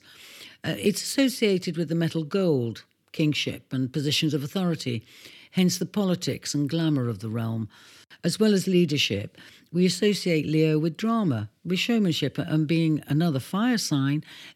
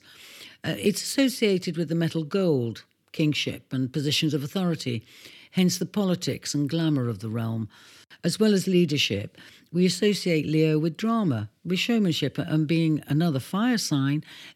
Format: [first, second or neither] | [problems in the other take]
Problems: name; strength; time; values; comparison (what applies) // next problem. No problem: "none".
neither | none